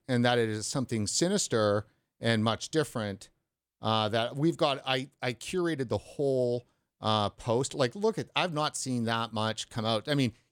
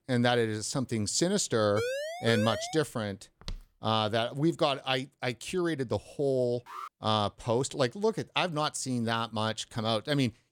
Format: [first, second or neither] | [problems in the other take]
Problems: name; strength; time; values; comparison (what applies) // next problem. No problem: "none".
first | siren; noticeable; from 2 to 3 s; peak 3 dB below the speech // footsteps; faint; at 3.5 s; peak 15 dB below the speech // alarm; faint; at 6.5 s; peak 15 dB below the speech